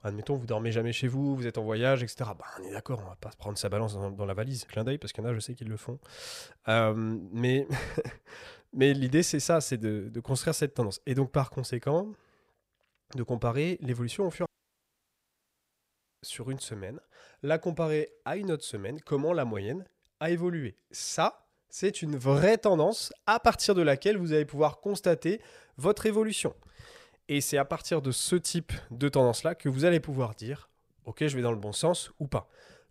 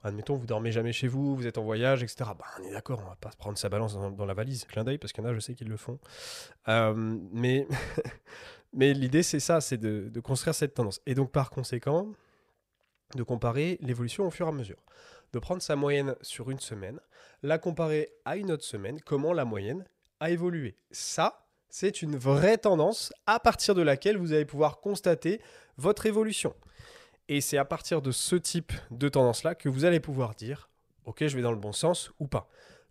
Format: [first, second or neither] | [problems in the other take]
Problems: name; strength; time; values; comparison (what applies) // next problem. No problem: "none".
second | audio cutting out; at 14 s for 2 s